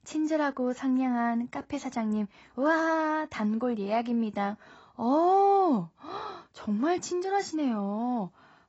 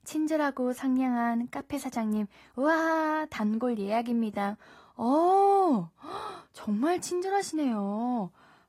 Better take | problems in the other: second | garbled, watery; badly; nothing above 7.5 kHz; slightly in the second

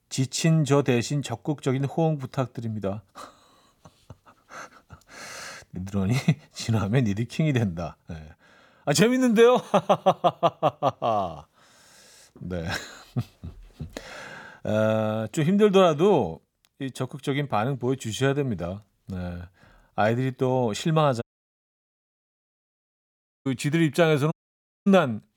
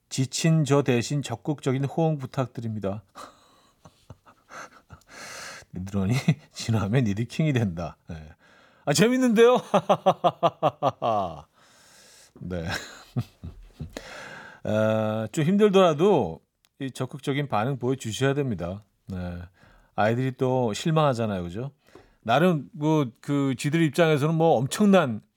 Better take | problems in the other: second | audio cutting out; at 21 s for 2 s and at 24 s for 0.5 s

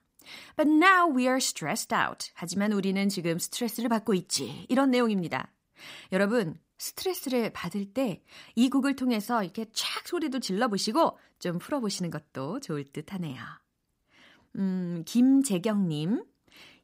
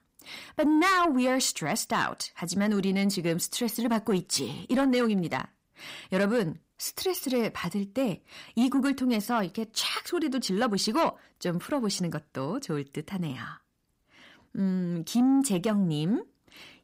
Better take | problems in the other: first | distortion; slight; 10 dB below the speech

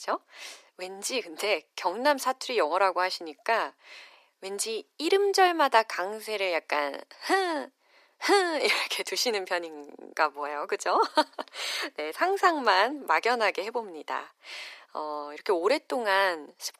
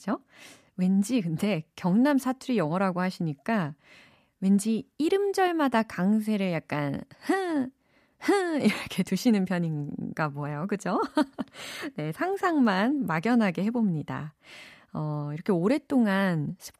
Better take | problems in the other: second | thin; very; fading below 350 Hz

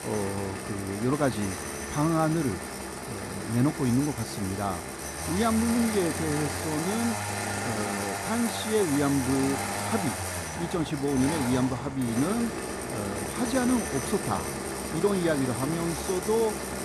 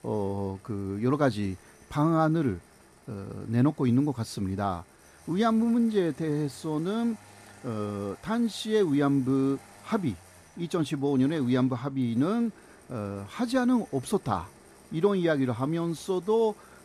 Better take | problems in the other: second | traffic noise; loud; throughout; 4 dB below the speech; faint in the second

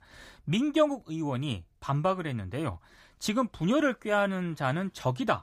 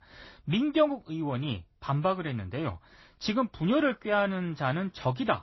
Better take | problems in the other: first | garbled, watery; slightly; nothing above 6 kHz

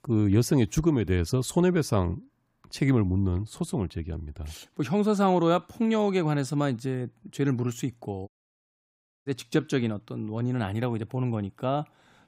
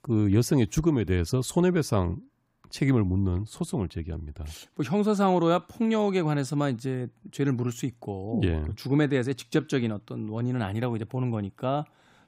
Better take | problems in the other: second | audio cutting out; at 8.5 s for 1 s

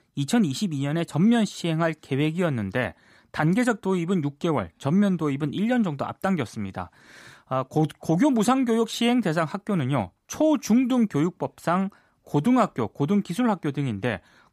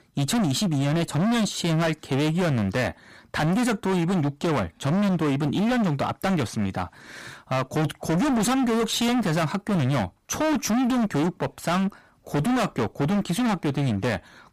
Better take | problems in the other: first | distortion; heavy; 33% of the sound clipped

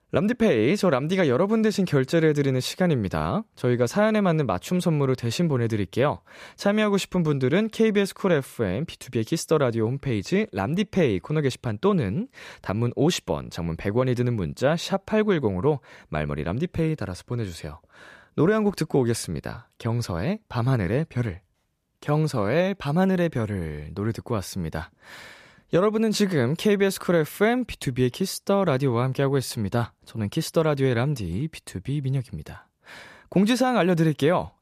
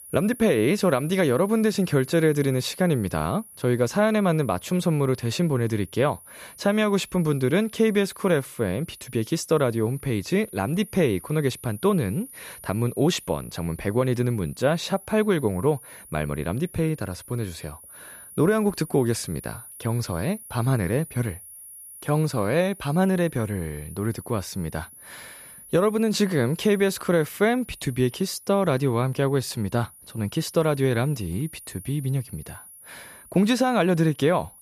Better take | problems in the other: first | high-pitched whine; noticeable; throughout; 10.5 kHz, 20 dB below the speech

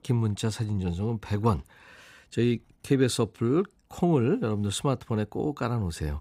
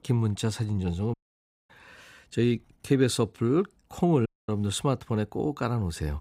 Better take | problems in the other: first | audio cutting out; at 1 s for 0.5 s and at 4.5 s

